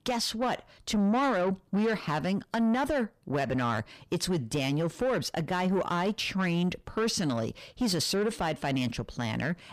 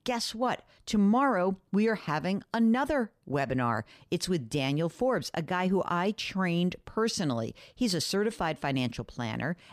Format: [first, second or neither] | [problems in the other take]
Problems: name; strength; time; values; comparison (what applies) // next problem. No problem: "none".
second | distortion; slight; 10 dB below the speech